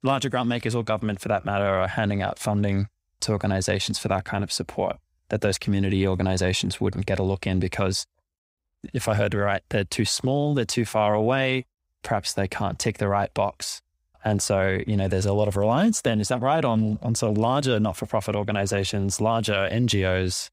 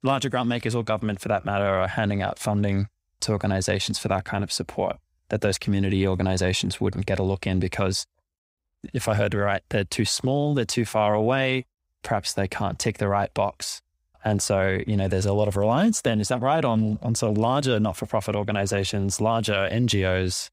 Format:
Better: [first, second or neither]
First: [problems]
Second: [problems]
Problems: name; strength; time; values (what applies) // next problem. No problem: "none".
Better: neither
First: none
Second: none